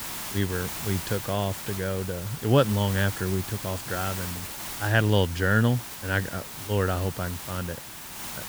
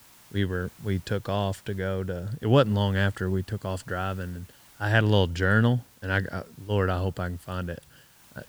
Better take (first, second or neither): second